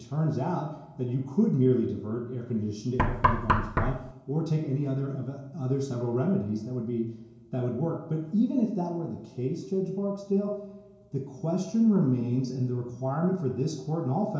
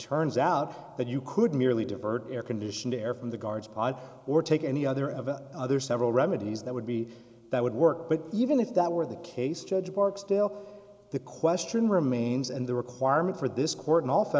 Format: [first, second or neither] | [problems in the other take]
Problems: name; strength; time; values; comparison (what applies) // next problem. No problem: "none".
second | background sound (Knock); 2 dB above the speech // room echo; dies away in 0.6 s